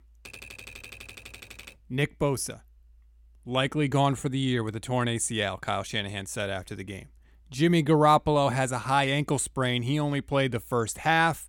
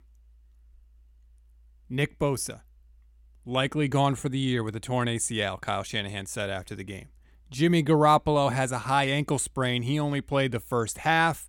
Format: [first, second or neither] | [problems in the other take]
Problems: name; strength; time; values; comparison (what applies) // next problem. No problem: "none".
second | keyboard typing; faint; until 2 s; peak 15 dB below the speech